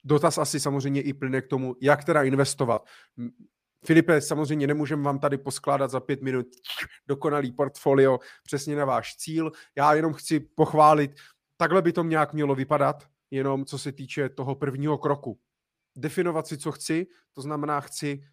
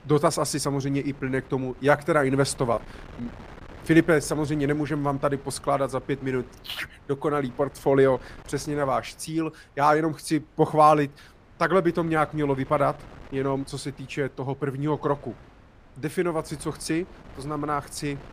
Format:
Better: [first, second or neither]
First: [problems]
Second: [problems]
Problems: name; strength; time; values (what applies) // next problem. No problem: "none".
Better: first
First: none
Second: wind noise on the microphone; occasional gusts; 25 dB below the speech